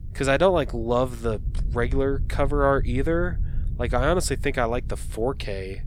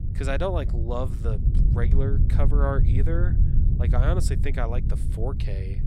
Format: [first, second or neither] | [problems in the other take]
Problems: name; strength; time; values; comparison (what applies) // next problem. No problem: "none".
first | low rumble; loud; throughout; 7 dB below the speech; faint in the first